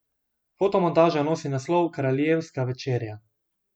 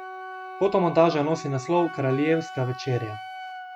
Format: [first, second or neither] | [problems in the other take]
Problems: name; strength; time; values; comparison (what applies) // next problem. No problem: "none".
first | background sound (Wind instrument, woodwind instrument); 13 dB below the speech